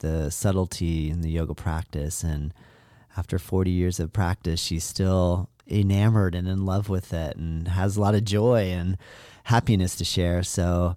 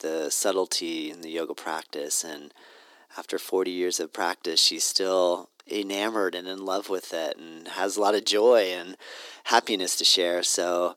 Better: first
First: none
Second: thin; very; fading below 300 Hz

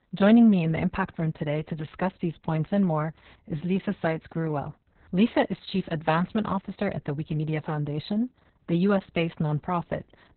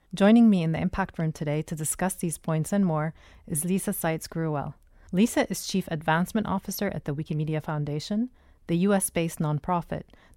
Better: second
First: garbled, watery; badly; nothing above 4 kHz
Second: none

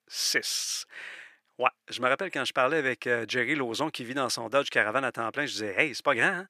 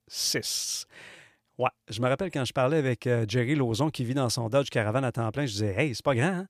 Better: second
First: thin; somewhat; fading below 300 Hz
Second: none

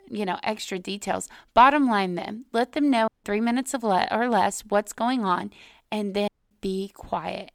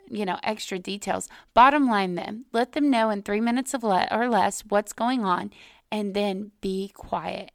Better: second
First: audio cutting out; at 3 s and at 6.5 s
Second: none

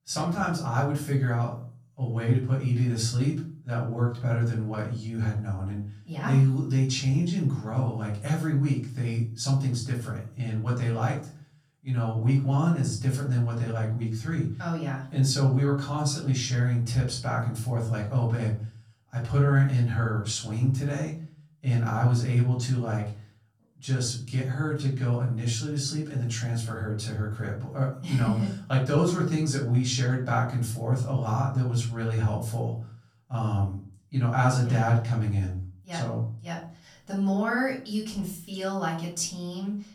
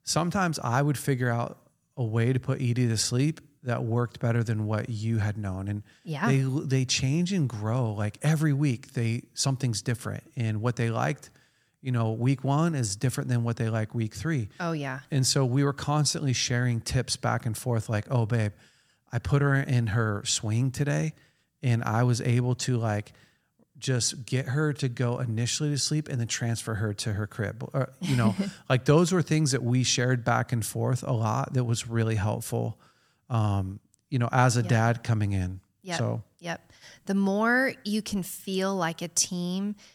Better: second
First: off-mic speech; far // room echo; slight; dies away in 0.4 s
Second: none

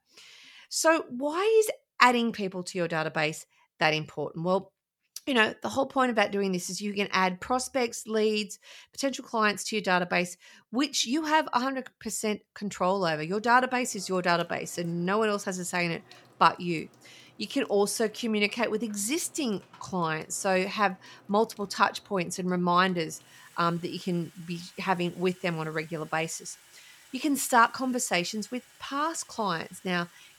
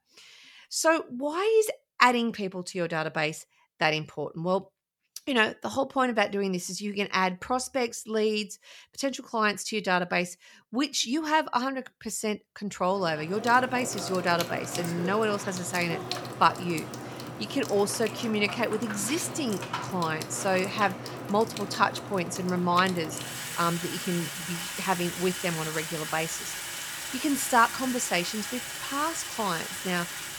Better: first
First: household noises; faint; from 13 s on; 25 dB below the speech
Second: household noises; loud; from 13 s on; 7 dB below the speech

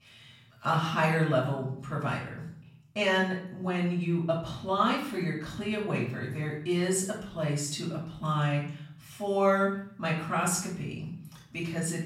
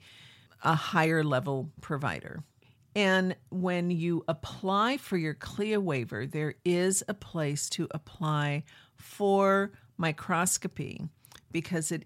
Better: second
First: off-mic speech; far // room echo; noticeable; dies away in 0.5 s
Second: none

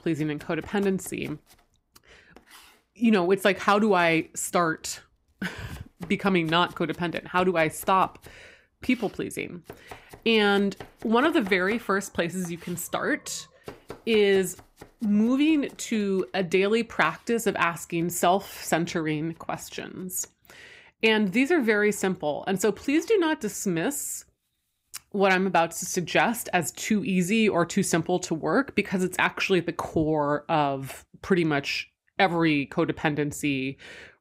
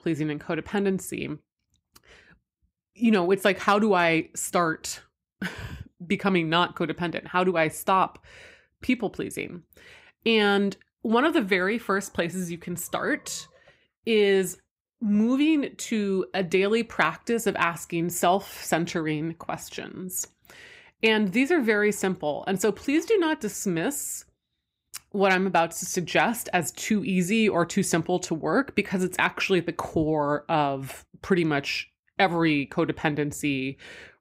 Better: second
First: household noises; faint; throughout; 25 dB below the speech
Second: none

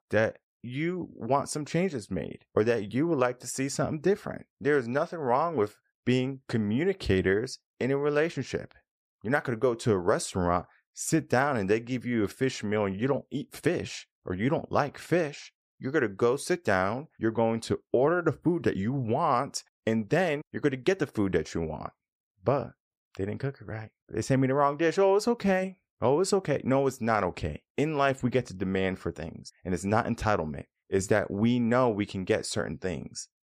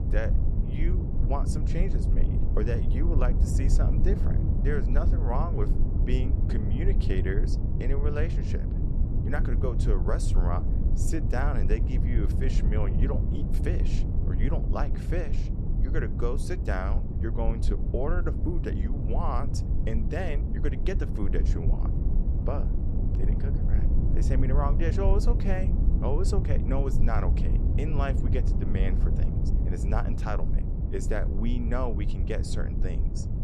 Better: first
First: none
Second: low rumble; loud; throughout; 5 dB below the speech

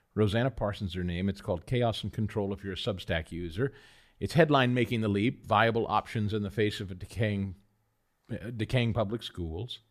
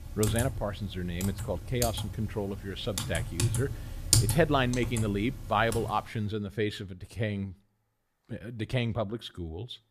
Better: first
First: none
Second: household noises; loud; until 6 s; as loud as the speech

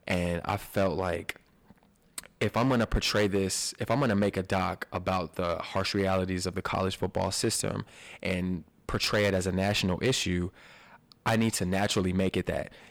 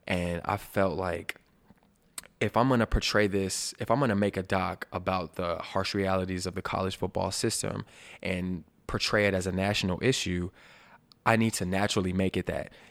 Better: second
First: distortion; slight; 6% of the sound clipped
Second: none

